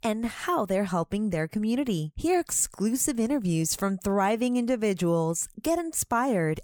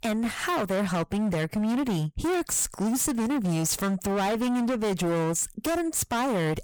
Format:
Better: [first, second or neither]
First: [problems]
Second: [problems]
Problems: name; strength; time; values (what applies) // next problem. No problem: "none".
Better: first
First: none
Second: distortion; heavy; 35% of the sound clipped